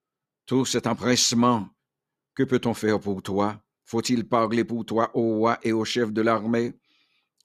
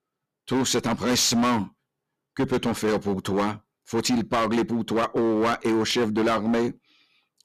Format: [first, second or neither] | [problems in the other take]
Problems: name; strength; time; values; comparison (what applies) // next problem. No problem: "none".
first | distortion; heavy; 15% of the sound clipped